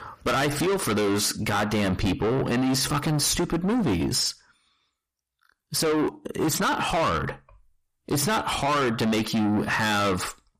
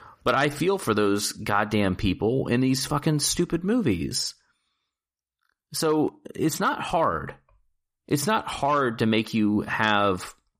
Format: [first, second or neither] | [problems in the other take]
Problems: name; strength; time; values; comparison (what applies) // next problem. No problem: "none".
second | distortion; heavy; 6 dB below the speech